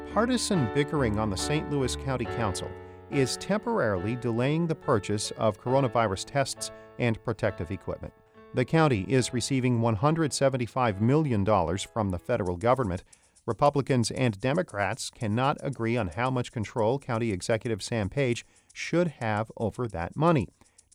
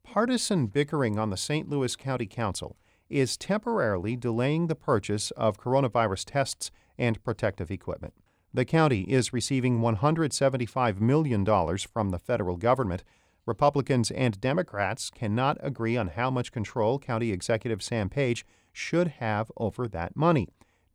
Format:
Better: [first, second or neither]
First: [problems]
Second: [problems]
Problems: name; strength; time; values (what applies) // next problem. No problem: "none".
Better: second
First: background music; noticeable; throughout; 15 dB below the speech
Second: none